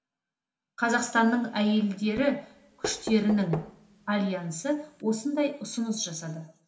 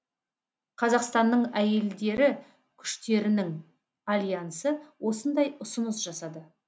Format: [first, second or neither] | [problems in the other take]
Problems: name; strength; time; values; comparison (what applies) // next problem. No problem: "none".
second | background sound (Knock); 14 dB below the speech // room echo; dies away in 0.6 s